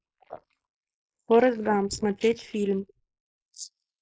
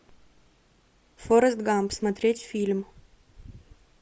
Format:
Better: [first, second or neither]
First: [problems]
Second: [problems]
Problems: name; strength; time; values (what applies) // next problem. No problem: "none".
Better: second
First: noise reduction (neural mask model Resemble Enhance denoiser)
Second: none